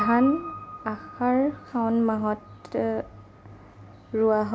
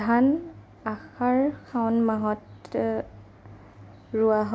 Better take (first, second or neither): second